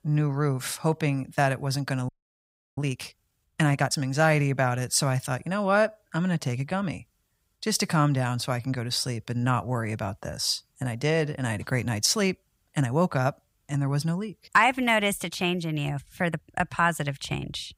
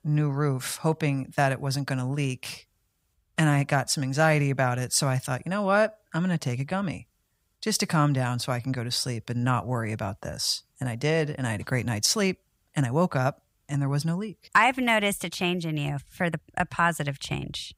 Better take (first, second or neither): second